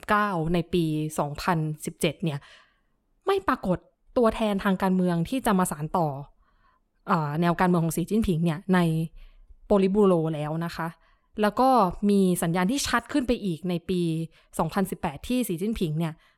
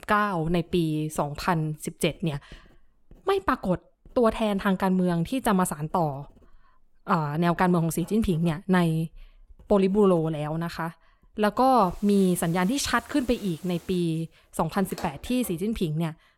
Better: first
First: none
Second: household noises; faint; throughout; 25 dB below the speech

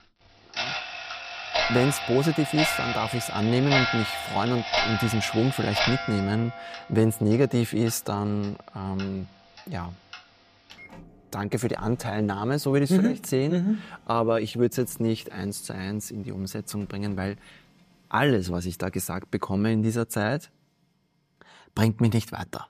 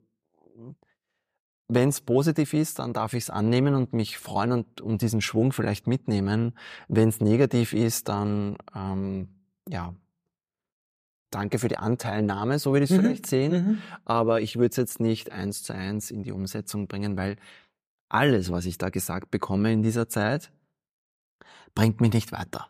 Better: second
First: household noises; loud; throughout; 2 dB below the speech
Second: none

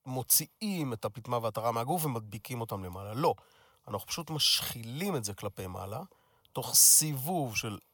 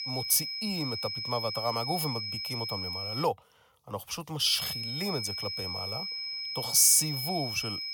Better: first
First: none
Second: high-pitched whine; loud; until 3 s and from 4.5 s on; 5 kHz, 5 dB below the speech

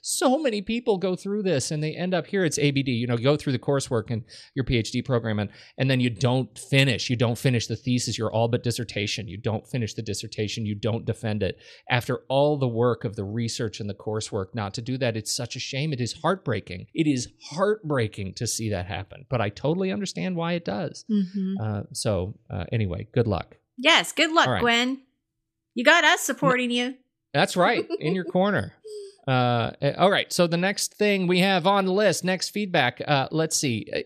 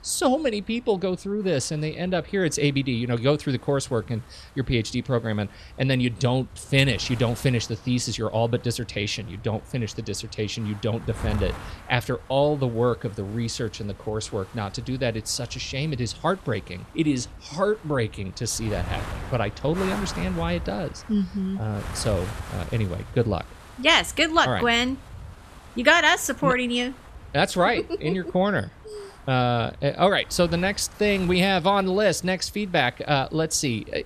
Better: first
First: none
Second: wind noise on the microphone; occasional gusts; 20 dB below the speech

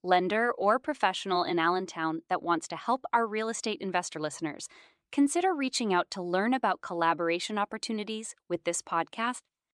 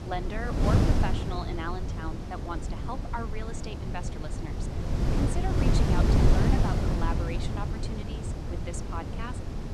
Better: first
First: none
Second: wind noise on the microphone; heavy; 1 dB above the speech

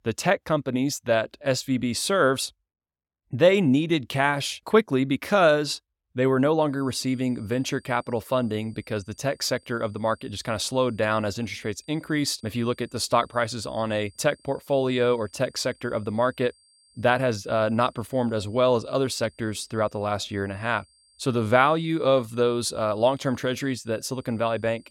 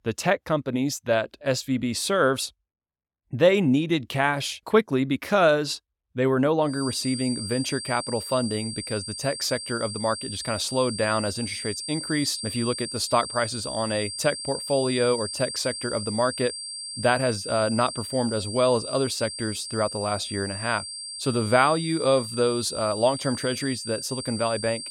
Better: first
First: high-pitched whine; faint; from 6.5 s on; 4.5 kHz, 35 dB below the speech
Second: high-pitched whine; loud; from 6.5 s on; 4.5 kHz, 7 dB below the speech

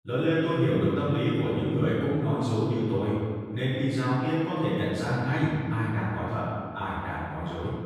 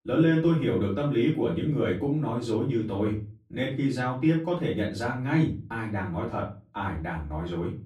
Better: second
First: room echo; strong; dies away in 1.6 s // off-mic speech; far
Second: room echo; slight; dies away in 0.3 s // off-mic speech; far

